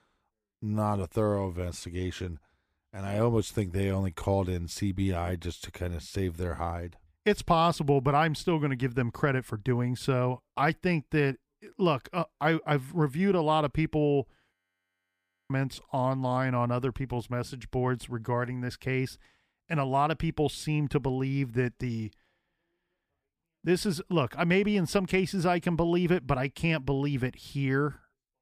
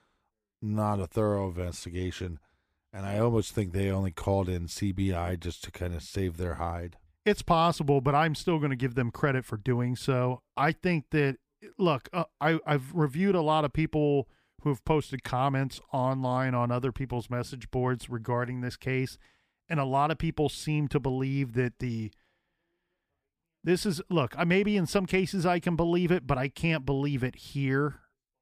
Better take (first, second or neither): second